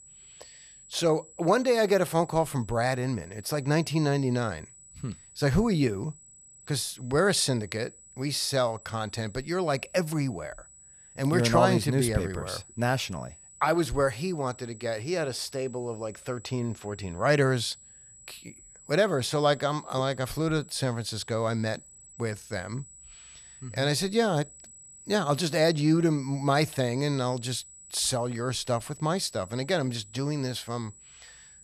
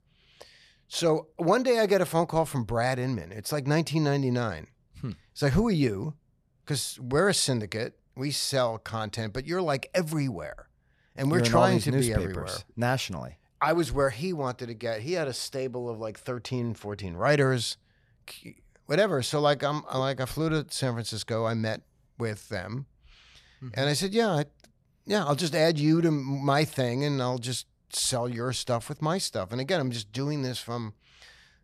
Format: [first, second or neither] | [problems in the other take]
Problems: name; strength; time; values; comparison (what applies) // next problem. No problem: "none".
second | high-pitched whine; faint; throughout; 8 kHz, 20 dB below the speech